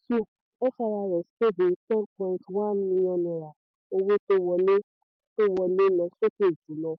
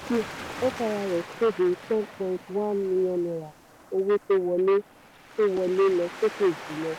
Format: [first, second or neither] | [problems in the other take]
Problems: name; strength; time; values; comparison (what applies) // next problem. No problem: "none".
first | background sound (Waves, surf); 15 dB below the speech